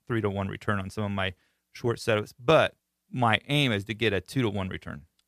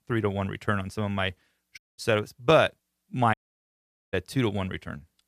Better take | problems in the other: first | audio cutting out; at 2 s and at 3.5 s for 1 s

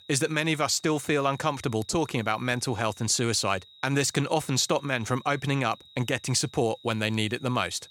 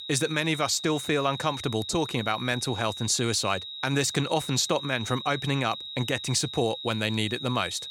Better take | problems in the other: first | high-pitched whine; loud; throughout; 4 kHz, 9 dB below the speech; faint in the first

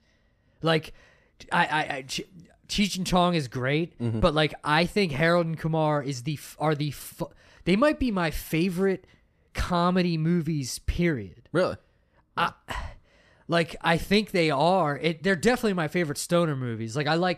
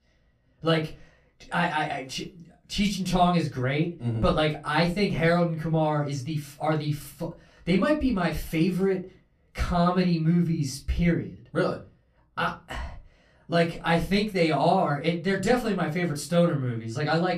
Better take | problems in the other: first | off-mic speech; far // room echo; very slight; dies away in 0.3 s

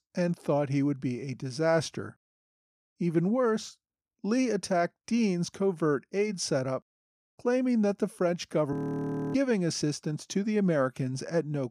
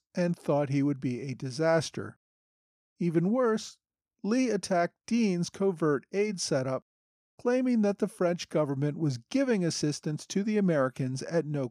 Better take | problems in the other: second | audio freezing; at 8.5 s for 0.5 s

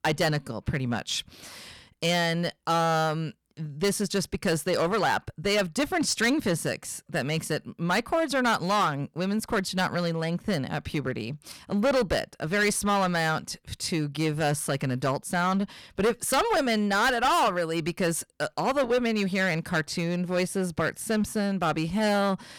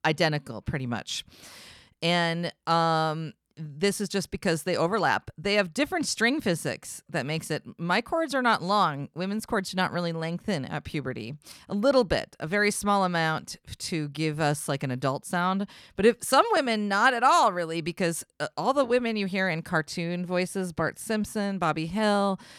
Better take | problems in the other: second | distortion; heavy; 9% of the sound clipped

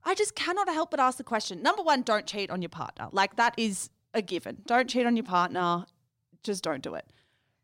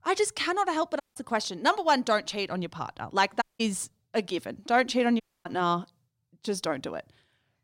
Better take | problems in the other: first | audio cutting out; at 1 s, at 3.5 s and at 5 s

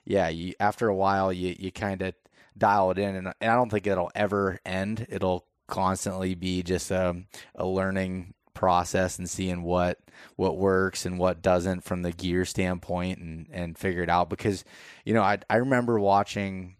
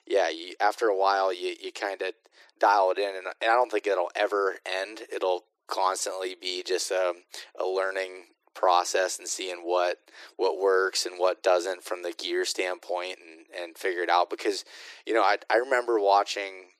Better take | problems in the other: first | thin; very; fading below 300 Hz

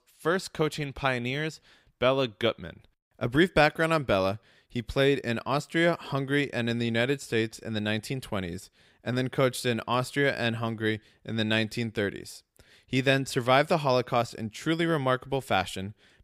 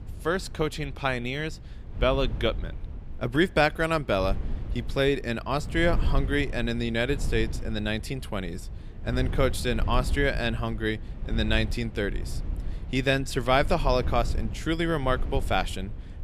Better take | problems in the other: first | wind noise on the microphone; occasional gusts; 20 dB below the speech

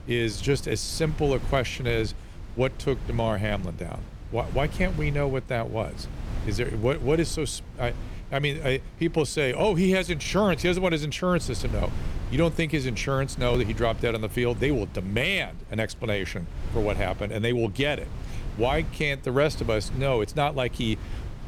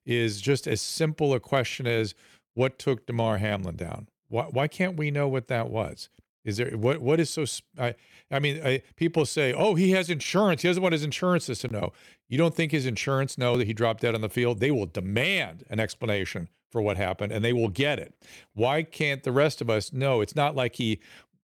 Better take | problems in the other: second | wind noise on the microphone; occasional gusts; 20 dB below the speech

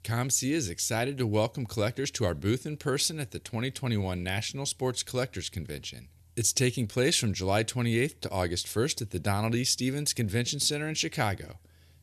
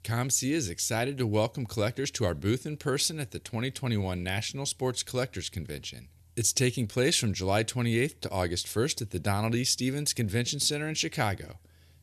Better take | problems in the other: neither | none

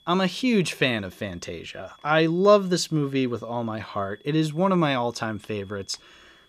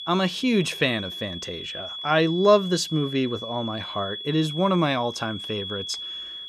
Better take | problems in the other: first | high-pitched whine; loud; throughout; 3.5 kHz, 9 dB below the speech; faint in the first

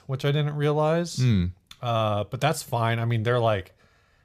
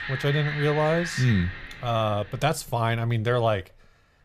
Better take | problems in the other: first | wind in the background; loud; throughout; 8 dB below the speech

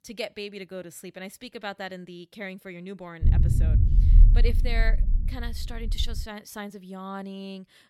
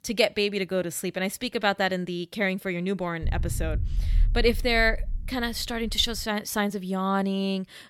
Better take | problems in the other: second | low rumble; loud; from 3 to 6.5 s; 5 dB below the speech; faint in the second

